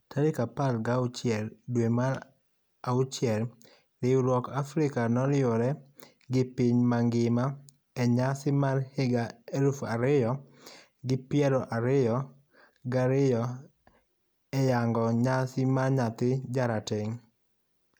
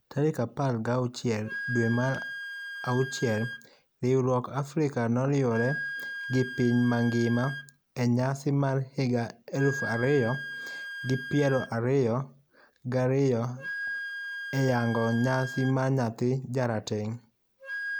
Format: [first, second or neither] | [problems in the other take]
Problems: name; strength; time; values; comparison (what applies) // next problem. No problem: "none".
first | background sound (Wind instrument, woodwind instrument); 11 dB below the speech